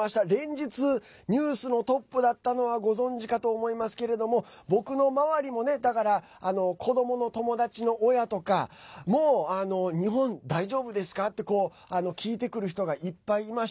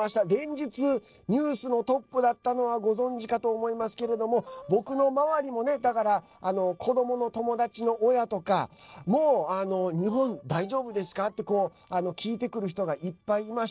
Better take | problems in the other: first | noise reduction (neural separator model SepFormer DNS4)

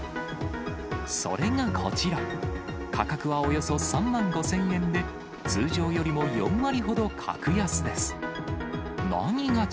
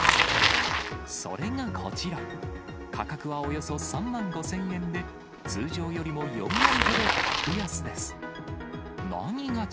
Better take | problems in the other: first | background sound (Bicycle); 2 dB above the speech

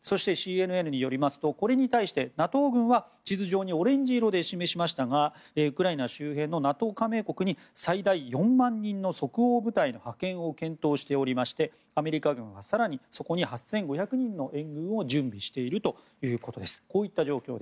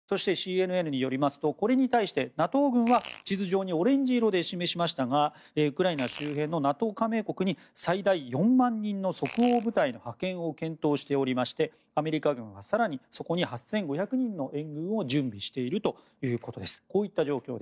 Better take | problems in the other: first | noise reduction (neural mask model DeepFilterNet 3)

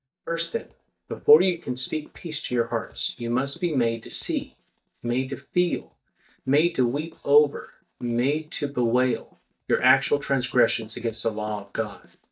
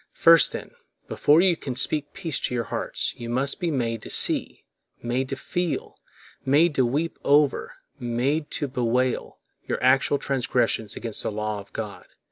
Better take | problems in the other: second | noise reduction (neural mask model DeepFilterNet 3)

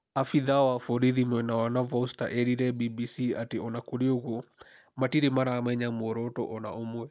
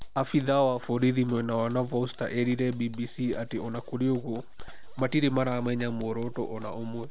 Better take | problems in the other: first | background sound (Zipper (clothing)); 11 dB below the speech

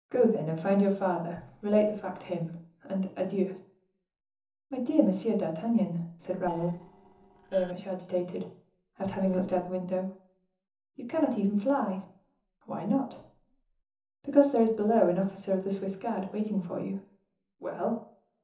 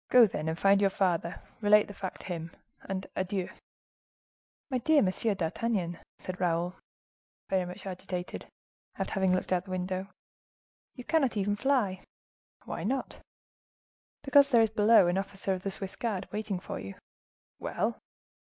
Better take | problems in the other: second | noise reduction (neural separator model SepFormer DNS4)

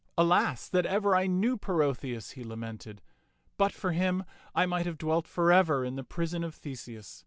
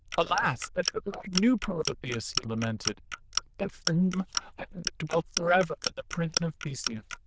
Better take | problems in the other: first | noise reduction (neural diffusion model UNIVERSE++)

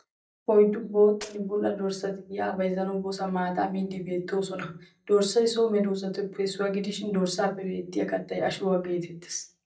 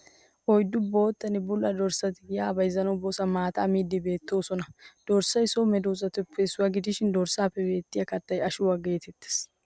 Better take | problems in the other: second | noise reduction (neural mask model DeepFilterNet 3)

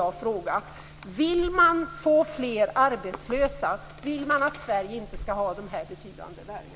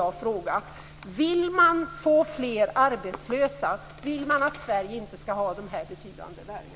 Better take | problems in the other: second | background sound (Slam); 16 dB below the speech

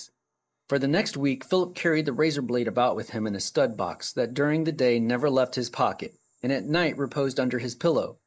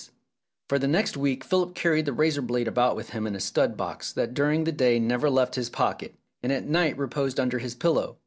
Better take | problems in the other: second | noise reduction (neural mask model Resemble Enhance denoiser)

